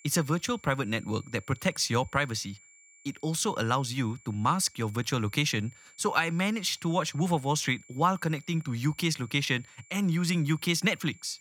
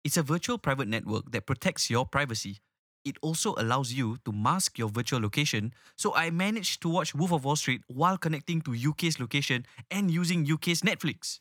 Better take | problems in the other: second | high-pitched whine; faint; throughout; 2.5 kHz, 25 dB below the speech

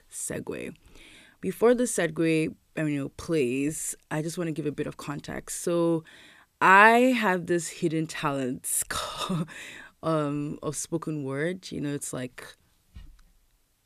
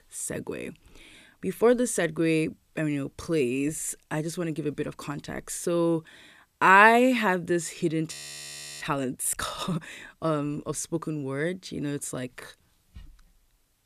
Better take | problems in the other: first | audio freezing; at 8 s for 0.5 s

